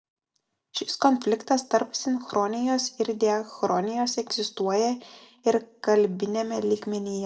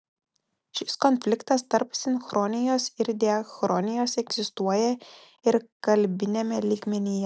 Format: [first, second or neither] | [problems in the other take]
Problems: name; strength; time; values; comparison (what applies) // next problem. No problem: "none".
second | room echo; dies away in 0.2 s